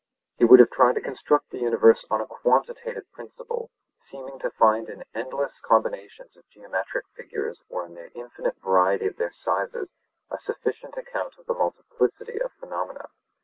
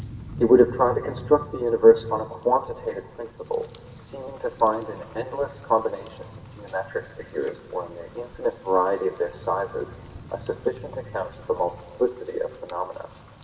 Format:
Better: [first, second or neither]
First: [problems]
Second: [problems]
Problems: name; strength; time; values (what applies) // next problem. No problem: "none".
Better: first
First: none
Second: background sound (Rain); 17 dB below the speech // room echo; dies away in 1.9 s